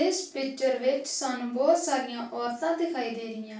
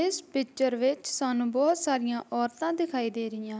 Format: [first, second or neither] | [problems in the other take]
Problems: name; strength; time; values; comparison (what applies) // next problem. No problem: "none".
second | room echo; dies away in 0.3 s